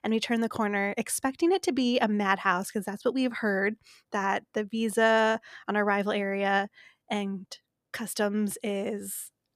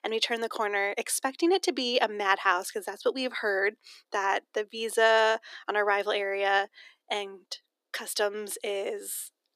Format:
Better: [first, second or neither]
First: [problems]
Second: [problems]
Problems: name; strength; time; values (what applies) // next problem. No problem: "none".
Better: first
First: none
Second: thin; somewhat; fading below 300 Hz